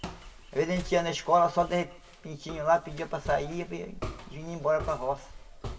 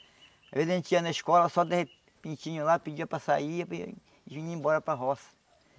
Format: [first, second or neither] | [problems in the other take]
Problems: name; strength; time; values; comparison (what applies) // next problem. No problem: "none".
second | background sound (Walk, footsteps); 13 dB below the speech // room echo; dies away in 0.7 s